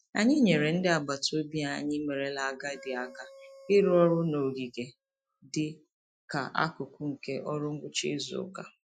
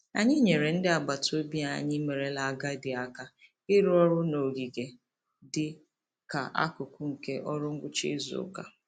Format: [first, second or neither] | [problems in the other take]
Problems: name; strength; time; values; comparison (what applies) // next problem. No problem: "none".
second | noise reduction (classical method Wiener filter)